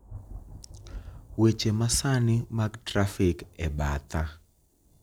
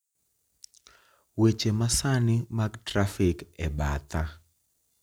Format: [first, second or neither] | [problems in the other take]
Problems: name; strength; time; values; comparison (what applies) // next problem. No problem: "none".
second | background sound (Thunder); 18 dB below the speech